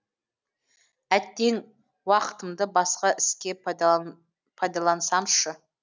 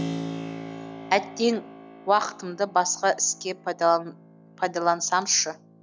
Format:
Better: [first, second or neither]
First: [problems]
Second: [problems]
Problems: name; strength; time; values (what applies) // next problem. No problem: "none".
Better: first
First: none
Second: background sound (Keyboard (musical)); 13 dB below the speech